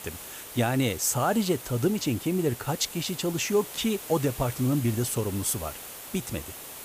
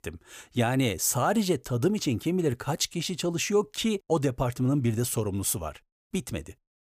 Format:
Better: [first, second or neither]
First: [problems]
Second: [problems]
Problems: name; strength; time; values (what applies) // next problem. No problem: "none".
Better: second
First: hiss; noticeable; throughout; 10 dB below the speech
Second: none